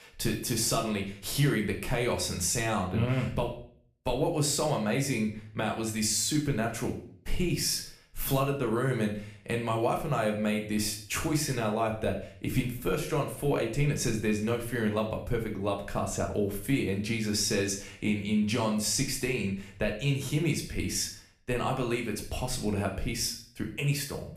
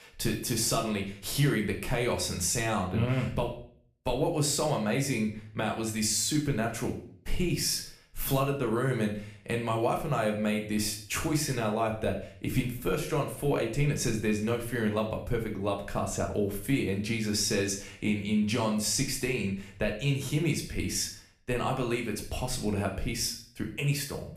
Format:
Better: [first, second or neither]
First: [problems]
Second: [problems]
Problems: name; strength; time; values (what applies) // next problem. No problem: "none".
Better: neither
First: room echo; slight; dies away in 0.5 s // off-mic speech; somewhat distant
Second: room echo; slight; dies away in 0.5 s // off-mic speech; somewhat distant